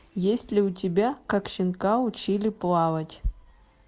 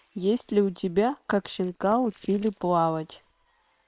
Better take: first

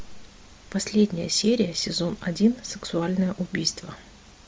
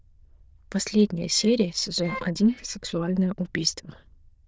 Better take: first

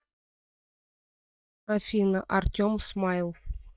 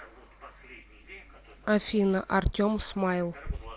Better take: second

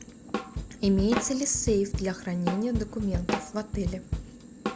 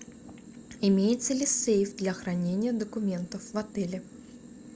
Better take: second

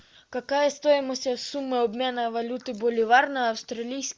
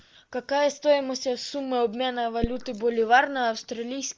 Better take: first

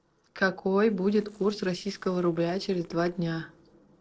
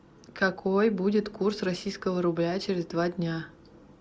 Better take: second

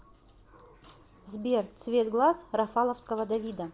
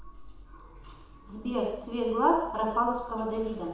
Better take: first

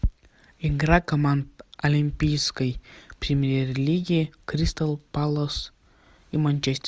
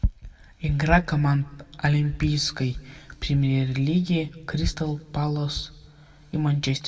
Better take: first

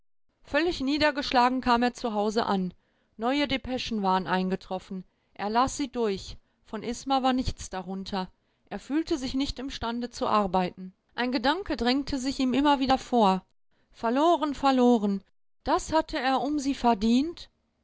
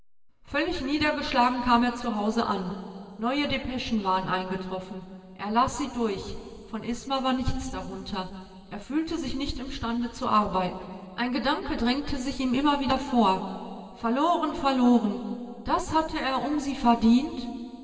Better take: first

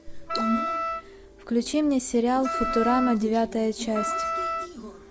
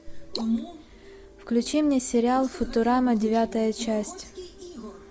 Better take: second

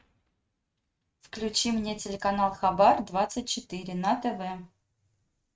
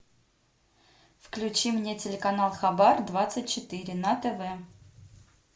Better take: second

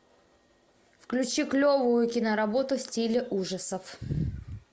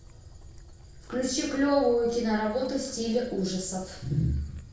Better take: first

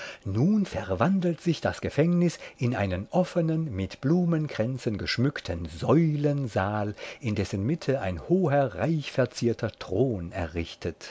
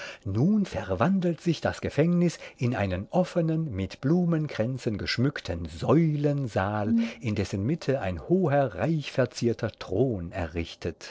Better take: first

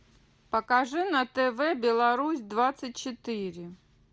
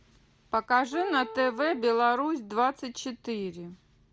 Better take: first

